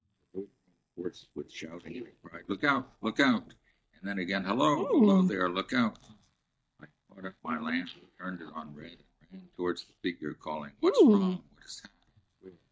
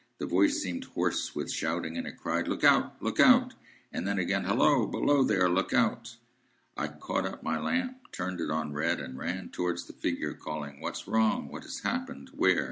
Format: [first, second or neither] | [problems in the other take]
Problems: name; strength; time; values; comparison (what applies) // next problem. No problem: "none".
second | noise reduction (neural mask model DeepFilterNet 3)